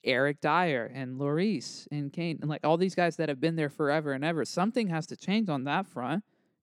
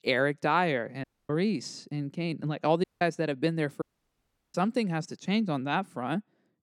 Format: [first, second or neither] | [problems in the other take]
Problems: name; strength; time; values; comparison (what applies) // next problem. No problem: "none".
first | audio cutting out; at 1 s, at 3 s and at 4 s for 0.5 s